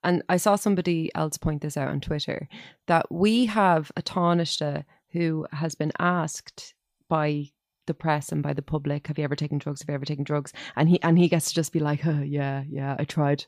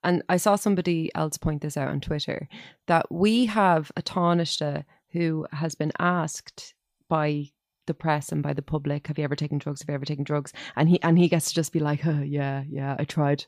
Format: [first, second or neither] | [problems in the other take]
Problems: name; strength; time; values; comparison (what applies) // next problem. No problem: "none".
neither | none